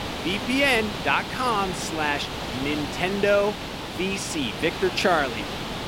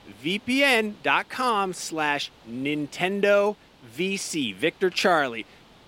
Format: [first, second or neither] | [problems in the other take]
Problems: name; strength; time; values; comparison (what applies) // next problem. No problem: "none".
second | hiss; loud; throughout; 6 dB below the speech; faint in the second